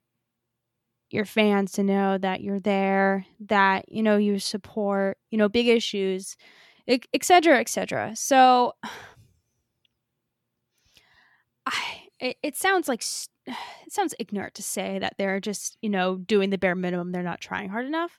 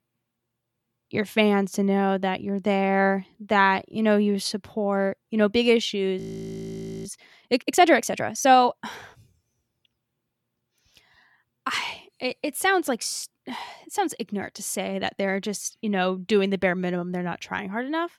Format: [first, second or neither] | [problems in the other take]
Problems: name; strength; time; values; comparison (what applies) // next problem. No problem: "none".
first | audio freezing; at 6 s for 1 s